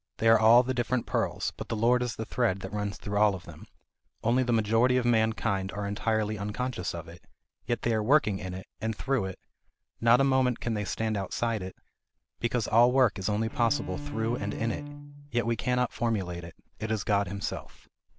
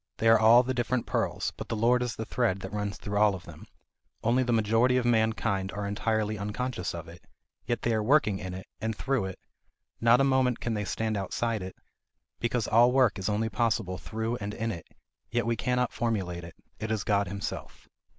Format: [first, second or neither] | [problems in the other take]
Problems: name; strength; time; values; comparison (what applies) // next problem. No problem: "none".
second | background sound (Bowed string instrument); 12 dB below the speech